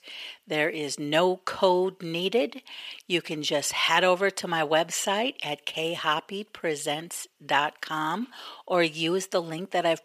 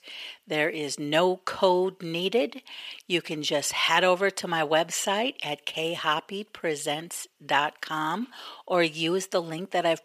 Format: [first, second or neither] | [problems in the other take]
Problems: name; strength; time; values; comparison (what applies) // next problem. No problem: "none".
neither | thin; somewhat; fading below 450 Hz; the same in both